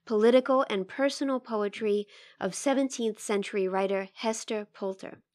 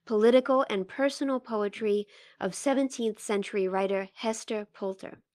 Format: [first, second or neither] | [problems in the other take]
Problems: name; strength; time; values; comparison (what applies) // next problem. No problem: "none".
first | garbled, watery; slightly; nothing above 14.5 kHz